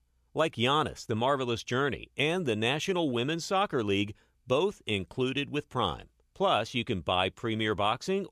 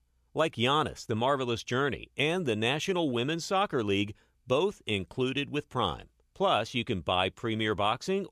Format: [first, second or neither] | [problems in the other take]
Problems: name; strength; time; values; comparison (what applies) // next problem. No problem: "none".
neither | none